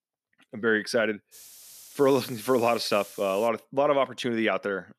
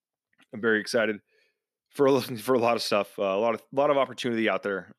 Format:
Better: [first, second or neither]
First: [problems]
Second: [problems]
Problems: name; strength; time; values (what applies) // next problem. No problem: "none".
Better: second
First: hiss; noticeable; from 1.5 to 3.5 s; 20 dB below the speech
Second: none